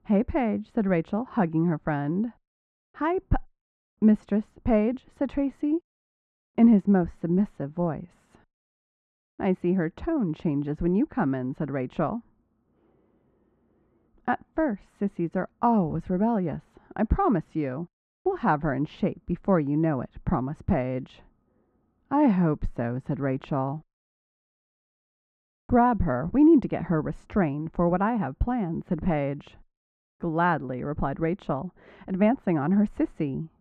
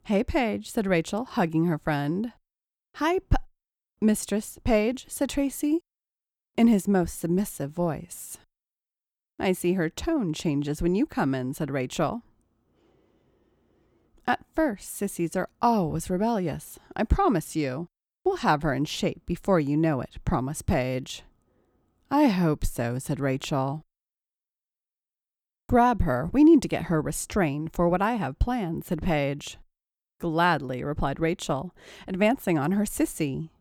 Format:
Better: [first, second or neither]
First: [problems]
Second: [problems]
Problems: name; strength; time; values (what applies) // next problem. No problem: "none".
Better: second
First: muffled; very; fading above 1.5 kHz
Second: none